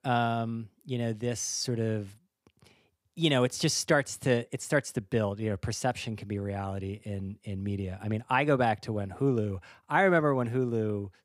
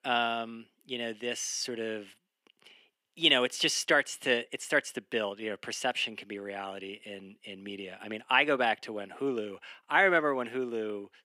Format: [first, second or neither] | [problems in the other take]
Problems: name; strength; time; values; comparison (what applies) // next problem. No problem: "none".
first | thin; somewhat; fading below 250 Hz